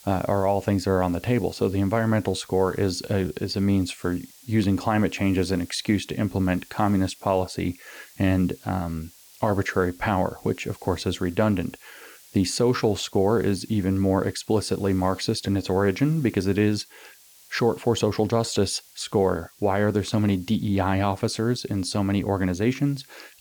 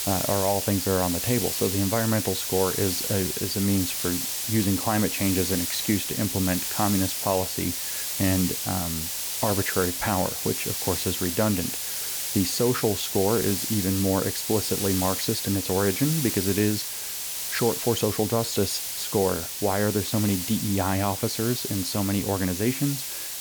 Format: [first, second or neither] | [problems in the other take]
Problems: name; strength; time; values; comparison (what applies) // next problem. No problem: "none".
first | hiss; loud; throughout; 1 dB below the speech; faint in the first